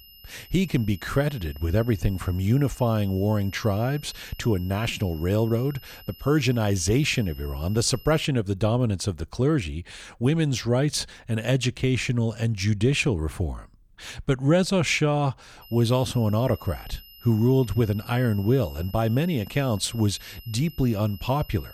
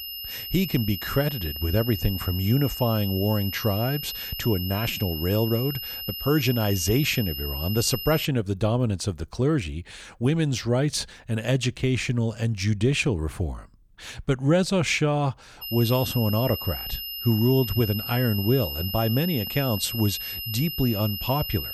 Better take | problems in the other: first | high-pitched whine; loud; until 8.5 s and from 16 s on; 3 kHz, 6 dB below the speech; faint in the first

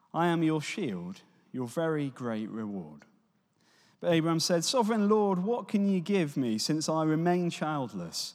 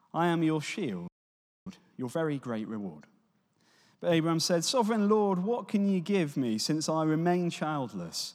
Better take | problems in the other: first | audio freezing; at 1 s for 0.5 s

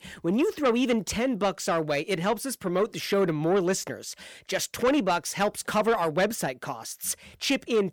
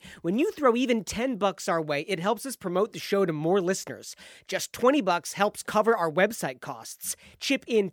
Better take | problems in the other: second | distortion; slight; 10 dB below the speech

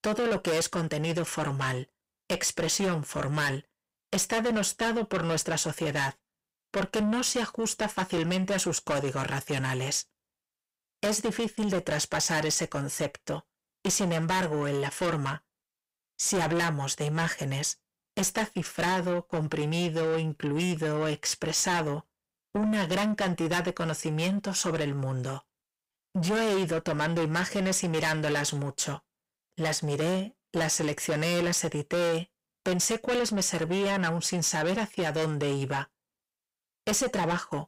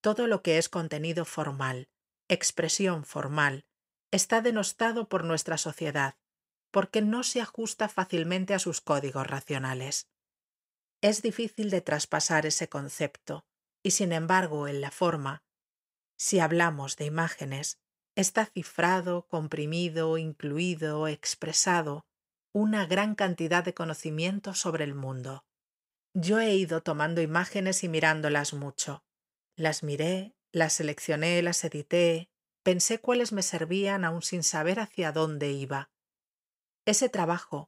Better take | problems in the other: second | distortion; heavy; 6 dB below the speech

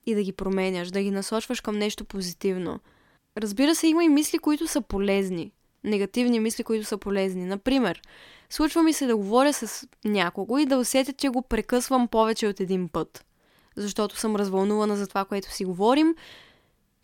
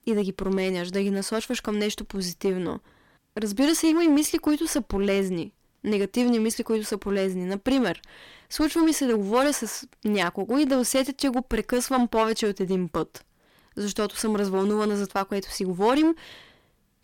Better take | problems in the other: first | distortion; slight; 5% of the sound clipped

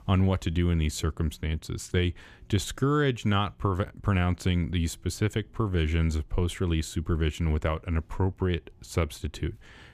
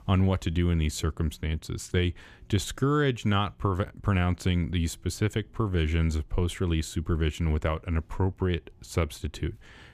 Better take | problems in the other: neither | none

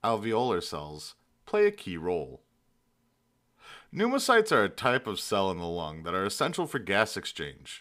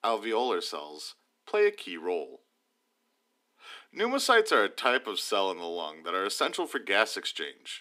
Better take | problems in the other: first | thin; very slightly; fading below 250 Hz

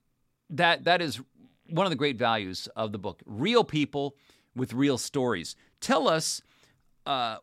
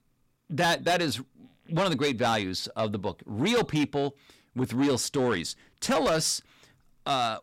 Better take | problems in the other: first | distortion; heavy; 8 dB below the speech

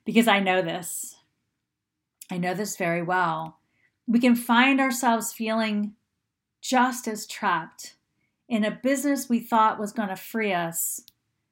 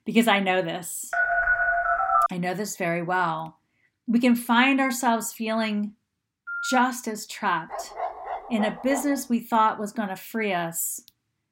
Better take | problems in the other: first | phone ringing; loud; from 1 to 2.5 s; peak 4 dB above the speech // phone ringing; noticeable; at 6.5 s; peak 6 dB below the speech // dog barking; noticeable; from 7.5 to 9 s; peak 8 dB below the speech

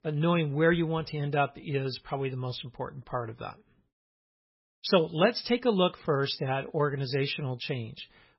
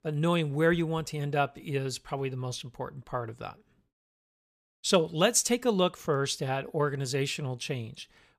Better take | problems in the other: second | garbled, watery; badly; nothing above 5.5 kHz

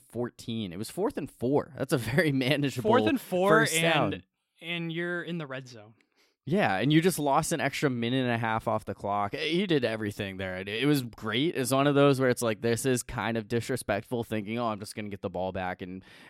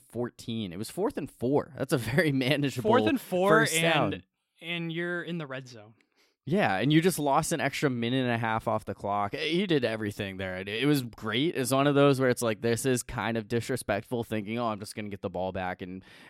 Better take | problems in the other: neither | none

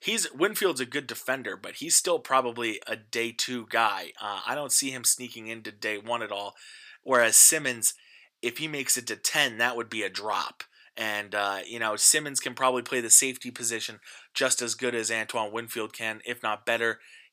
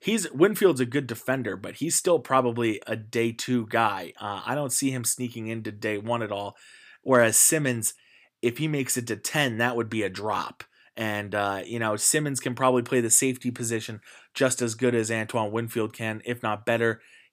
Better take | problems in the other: second | thin; somewhat; fading below 850 Hz

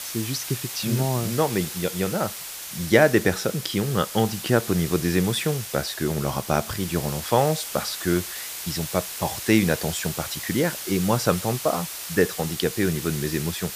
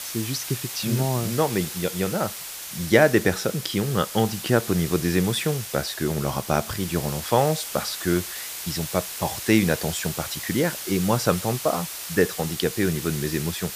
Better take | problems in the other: neither | hiss; loud; throughout; 7 dB below the speech; the same in both

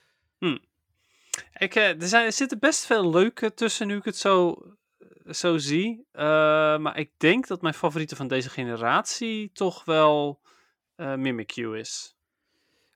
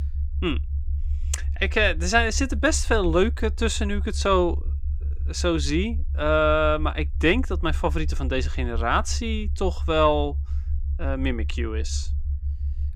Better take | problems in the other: first | low rumble; faint; throughout; 25 dB below the speech

